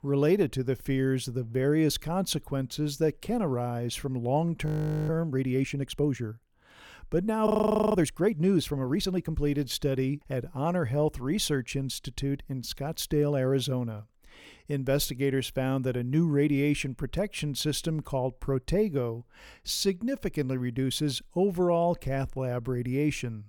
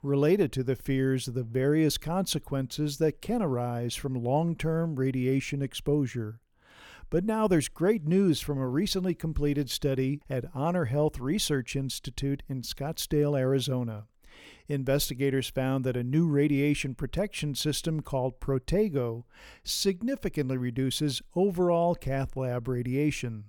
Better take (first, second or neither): second